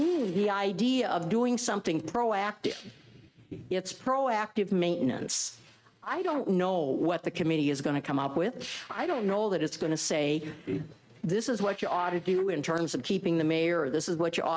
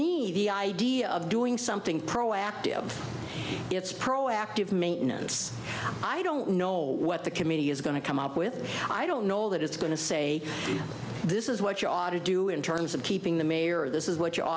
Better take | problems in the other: second | noise reduction (neural mask model RNNoise)

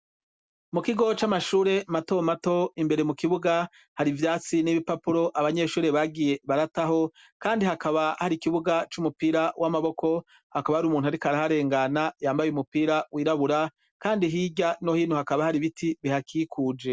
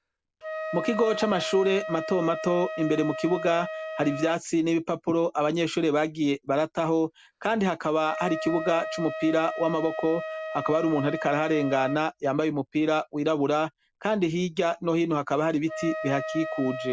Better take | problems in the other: first | background sound (Wind instrument, woodwind instrument); 10 dB below the speech

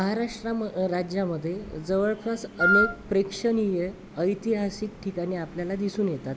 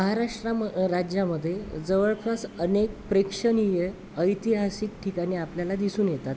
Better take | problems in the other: second | background sound (Wind instrument, woodwind instrument); 4 dB above the speech

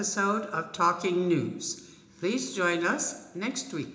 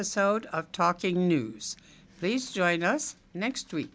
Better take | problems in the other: second | room echo; dies away in 0.8 s

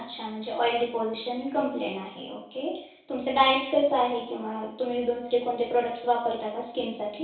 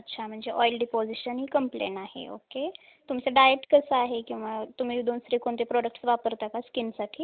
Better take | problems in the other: second | room echo; dies away in 0.6 s

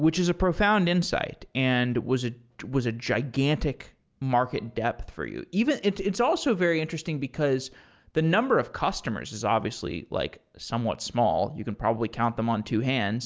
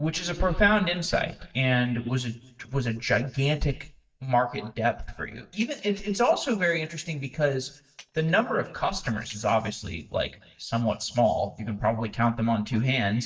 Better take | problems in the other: first | noise reduction (neural mask model DeepFilterNet 3)

